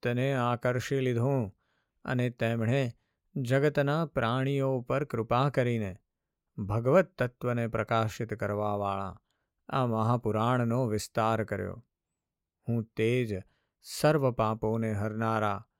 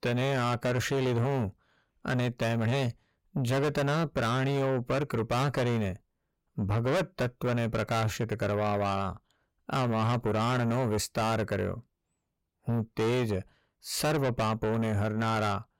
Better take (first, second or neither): first